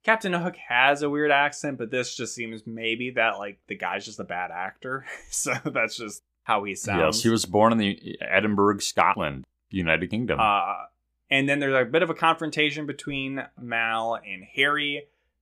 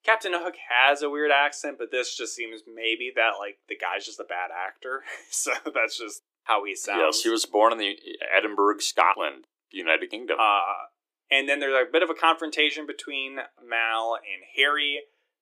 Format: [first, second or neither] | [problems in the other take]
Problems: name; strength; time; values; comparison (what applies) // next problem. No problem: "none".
first | thin; somewhat; fading below 300 Hz